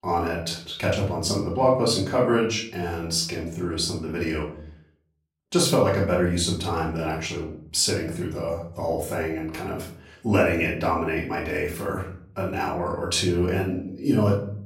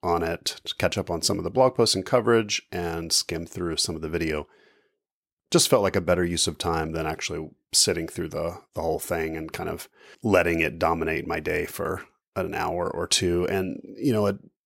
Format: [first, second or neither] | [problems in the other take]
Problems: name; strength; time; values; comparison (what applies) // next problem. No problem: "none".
second | off-mic speech; far // room echo; noticeable; dies away in 0.6 s